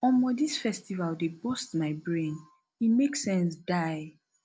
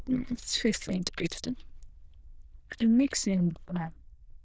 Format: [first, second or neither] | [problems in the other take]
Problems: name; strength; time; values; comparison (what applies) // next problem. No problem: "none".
first | noise reduction (neural diffusion model UNIVERSE++)